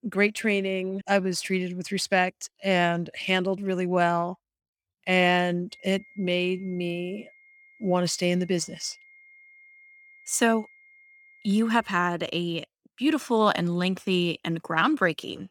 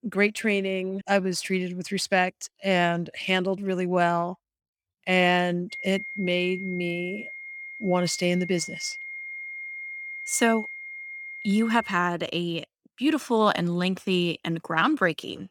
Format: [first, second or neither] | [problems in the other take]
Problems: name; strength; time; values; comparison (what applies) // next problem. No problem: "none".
first | high-pitched whine; loud; from 5.5 to 12 s; 2 kHz, 10 dB below the speech; faint in the first